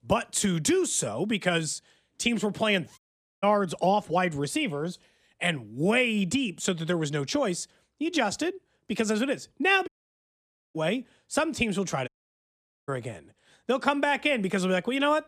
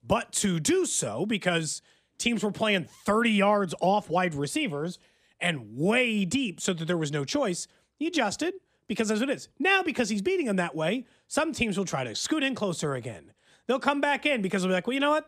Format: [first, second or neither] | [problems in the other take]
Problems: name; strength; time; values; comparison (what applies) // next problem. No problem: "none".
second | audio cutting out; at 3 s, at 10 s for 1 s and at 12 s for 1 s